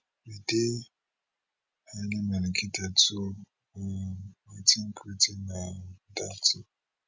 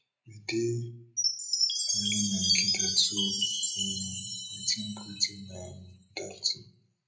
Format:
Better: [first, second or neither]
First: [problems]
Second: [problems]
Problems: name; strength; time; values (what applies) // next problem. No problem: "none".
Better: first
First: none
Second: background sound (Chime); 3 dB above the speech // room echo; dies away in 0.4 s